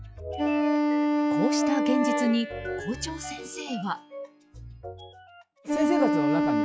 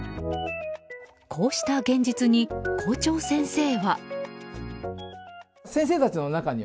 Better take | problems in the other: second | noise reduction (classical method log-MMSE)

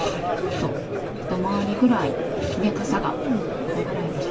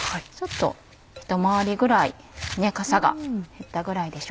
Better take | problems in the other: second | background sound (Crowd); 1 dB below the speech // room echo; dies away in 0.2 s

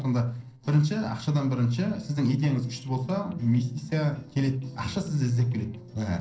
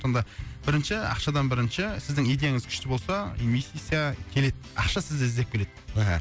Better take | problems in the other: second | noise reduction (neural separator model SepFormer DNS4)

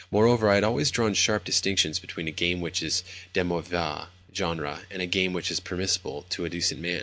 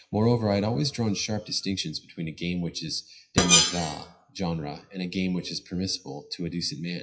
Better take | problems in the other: first | noise reduction (classical method WPE with log-MMSE)

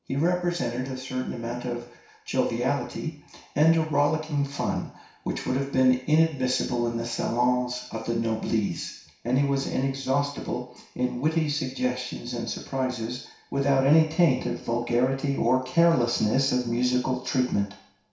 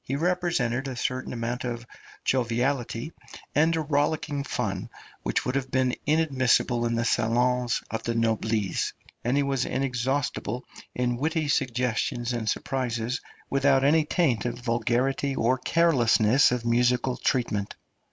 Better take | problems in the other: second | room echo; dies away in 0.6 s

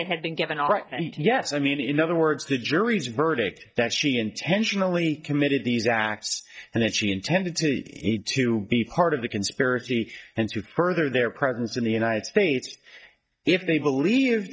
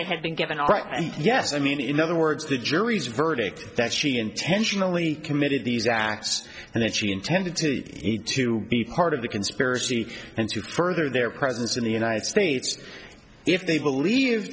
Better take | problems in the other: second | noise reduction (neural mask model DeepFilterNet 3)

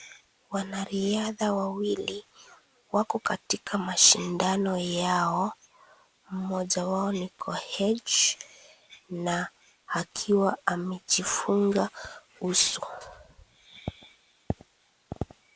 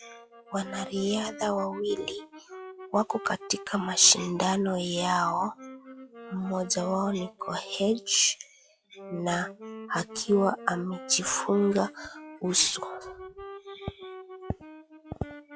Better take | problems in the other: first | noise reduction (classical method log-MMSE)

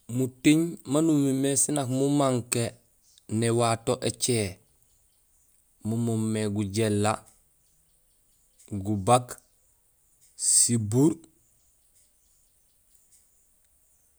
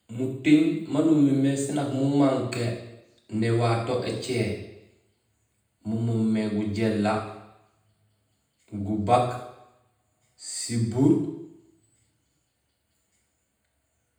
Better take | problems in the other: first | room echo; dies away in 0.8 s

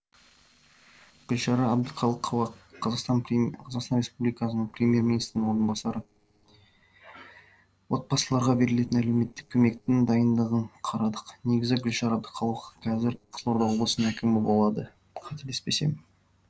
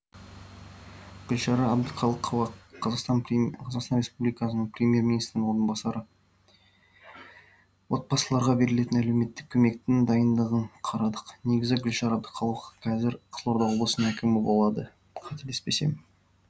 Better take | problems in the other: second | noise reduction (neural separator model SepFormer DNS4)

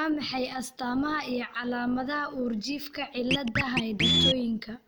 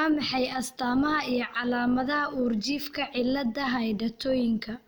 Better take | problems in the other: second | background sound (Scratching (performance technique)); 1 dB above the speech

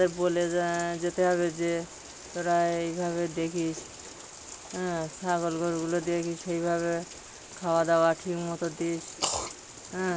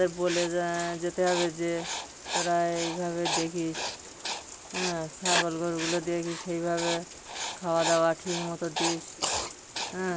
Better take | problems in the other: first | background sound (Writing); 5 dB below the speech

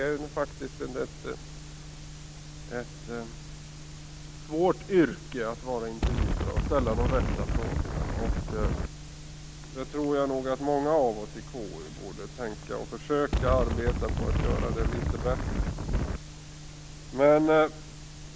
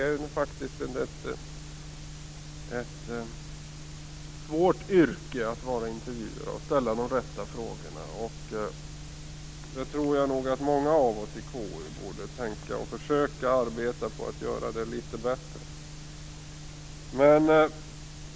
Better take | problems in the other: second | background sound (Wind); 2 dB above the speech

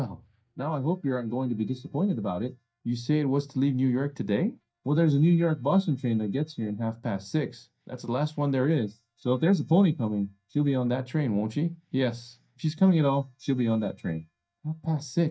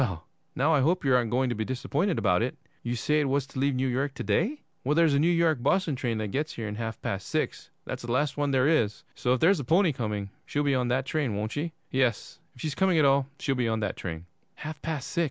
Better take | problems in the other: second | noise reduction (neural mask model DeepFilterNet 3)

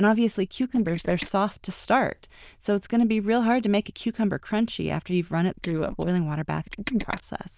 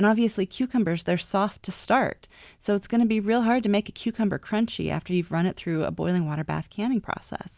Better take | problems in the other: second | noise reduction (neural diffusion model UNIVERSE++)

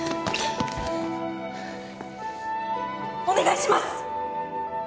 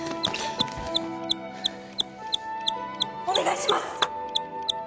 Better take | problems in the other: first | background sound (Clapping + Mechanisms); 2 dB below the speech

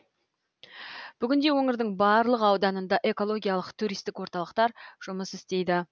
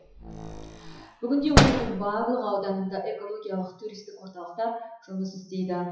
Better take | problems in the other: first | noise reduction (classical method WPE with log-MMSE)

